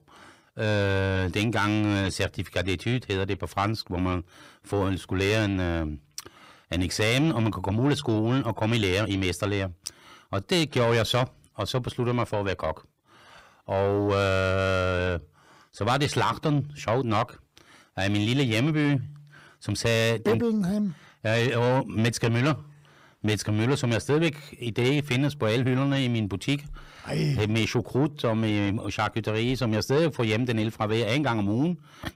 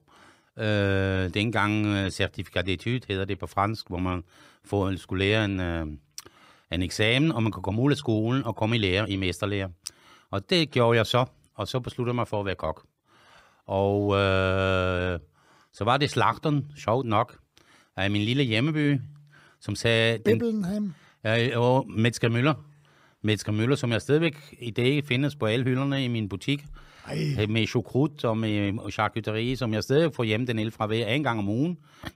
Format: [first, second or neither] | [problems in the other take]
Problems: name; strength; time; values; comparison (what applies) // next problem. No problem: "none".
second | distortion; slight; 10 dB below the speech